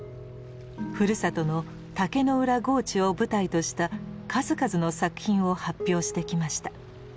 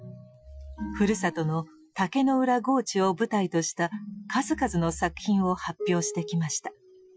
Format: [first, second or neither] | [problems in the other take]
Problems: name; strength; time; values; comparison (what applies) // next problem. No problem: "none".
first | noise reduction (classical method Wiener filter)